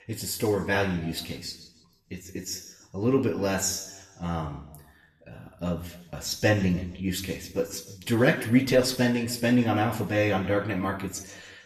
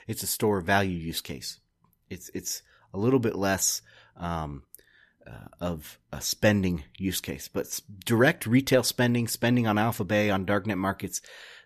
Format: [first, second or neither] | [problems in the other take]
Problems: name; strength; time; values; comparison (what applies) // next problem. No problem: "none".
second | room echo; slight; dies away in 0.8 s // off-mic speech; somewhat distant